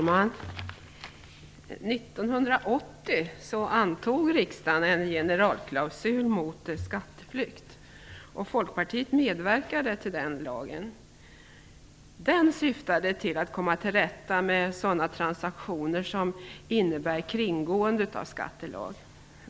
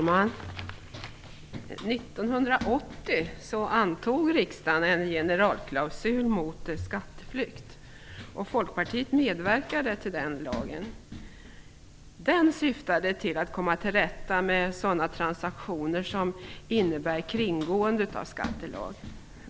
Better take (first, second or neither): first